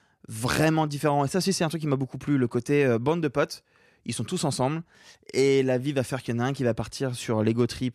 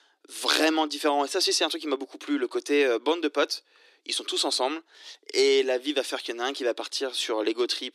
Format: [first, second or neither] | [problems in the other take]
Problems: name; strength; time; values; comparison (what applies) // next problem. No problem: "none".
first | thin; somewhat; fading below 300 Hz